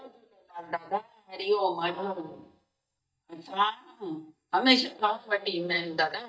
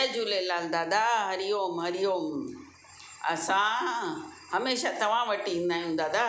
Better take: second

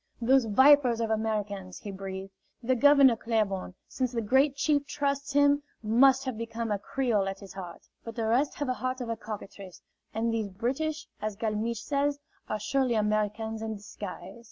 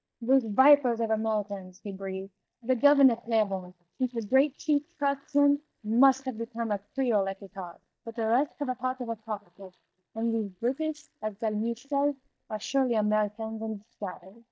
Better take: first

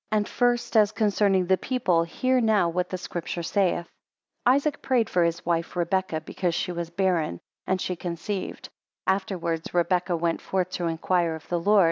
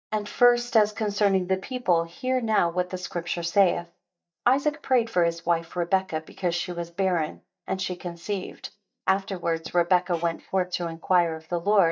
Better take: first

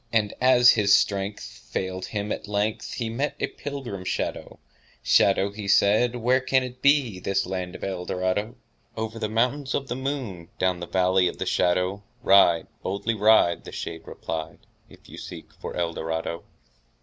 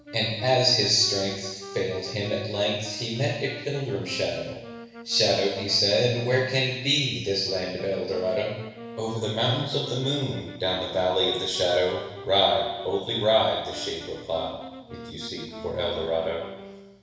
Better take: first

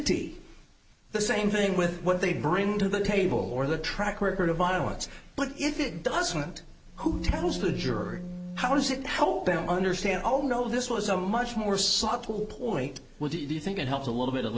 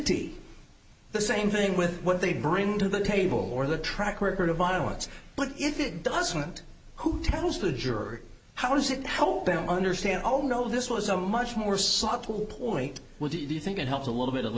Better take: second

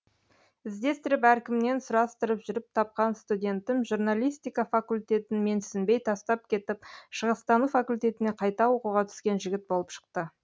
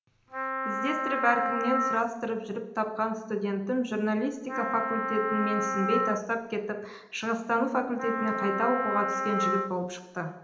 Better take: first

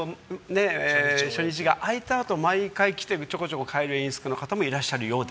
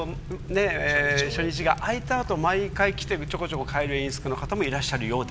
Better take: first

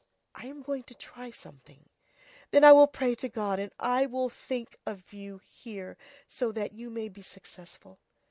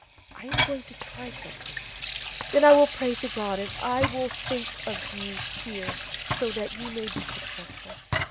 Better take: first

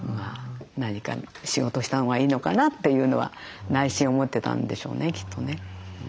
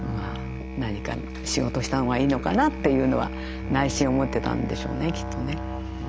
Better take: first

